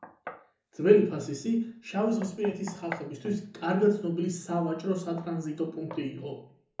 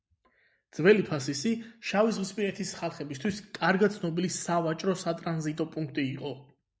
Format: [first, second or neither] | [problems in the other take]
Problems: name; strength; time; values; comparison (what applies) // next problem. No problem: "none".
second | background sound (Knock); 19 dB below the speech // room echo; dies away in 0.7 s